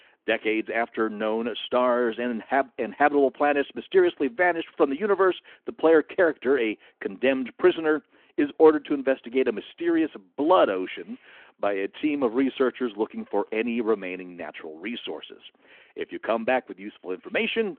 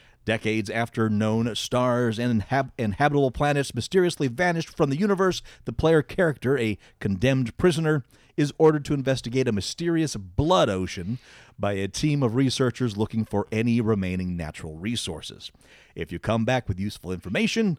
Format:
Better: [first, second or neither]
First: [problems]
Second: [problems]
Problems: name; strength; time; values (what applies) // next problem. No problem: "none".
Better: second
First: phone-call audio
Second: none